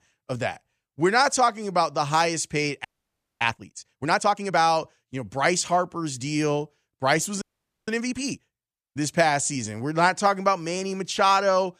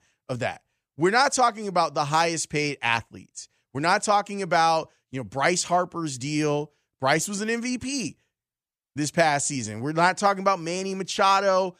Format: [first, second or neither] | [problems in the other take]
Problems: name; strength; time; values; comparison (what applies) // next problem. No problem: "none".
second | audio freezing; at 3 s for 0.5 s and at 7.5 s